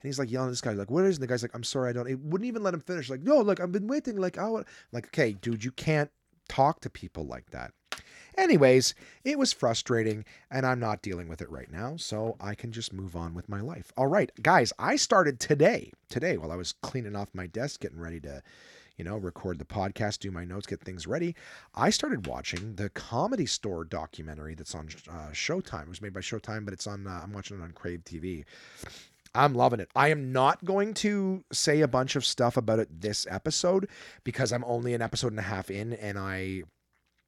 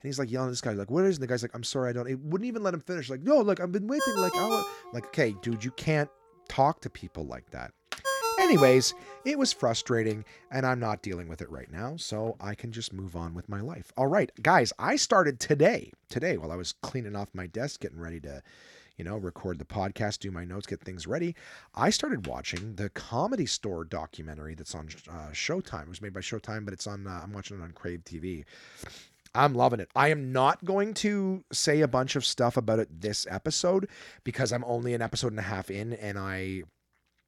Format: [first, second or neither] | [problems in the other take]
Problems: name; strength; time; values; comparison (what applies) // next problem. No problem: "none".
first | phone ringing; loud; from 4 to 9 s; peak 1 dB above the speech